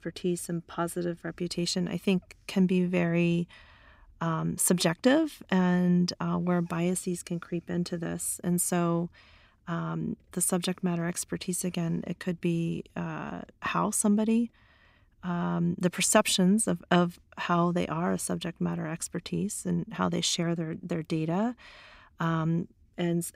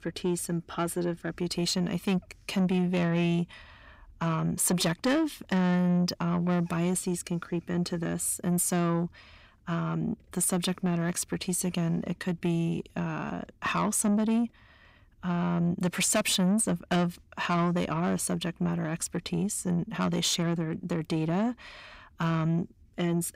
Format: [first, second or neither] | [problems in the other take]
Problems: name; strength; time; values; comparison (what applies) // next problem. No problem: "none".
first | distortion; slight; 10 dB below the speech